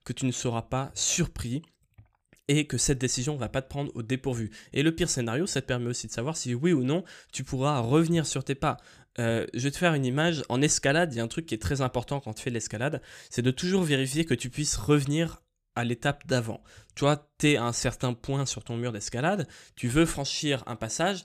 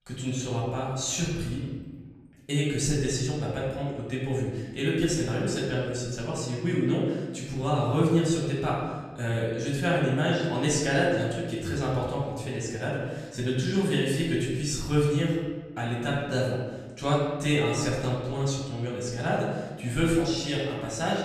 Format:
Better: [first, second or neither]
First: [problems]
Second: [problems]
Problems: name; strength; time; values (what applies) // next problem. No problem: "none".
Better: first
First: none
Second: room echo; noticeable; dies away in 1.2 s // off-mic speech; far